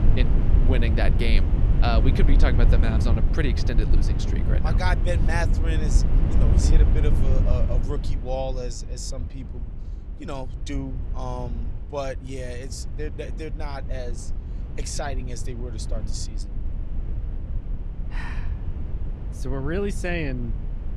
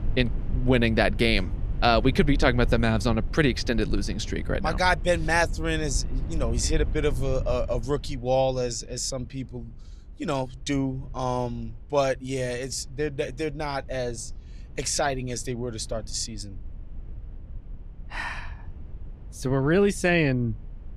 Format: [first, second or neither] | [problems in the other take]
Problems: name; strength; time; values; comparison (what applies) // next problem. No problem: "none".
second | low rumble; loud; throughout; 7 dB below the speech; faint in the second